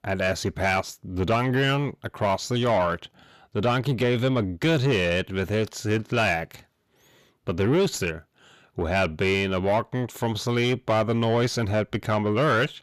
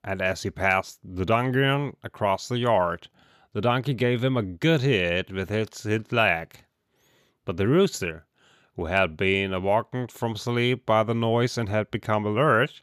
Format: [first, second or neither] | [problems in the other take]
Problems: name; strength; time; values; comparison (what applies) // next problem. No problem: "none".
second | distortion; slight; 10 dB below the speech